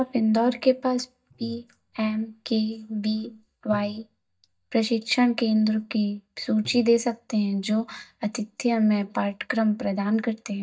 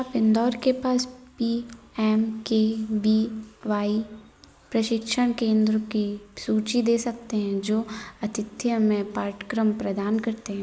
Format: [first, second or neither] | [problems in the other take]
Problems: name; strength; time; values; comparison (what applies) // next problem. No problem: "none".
second | noise reduction (neural mask model DeepFilterNet 3)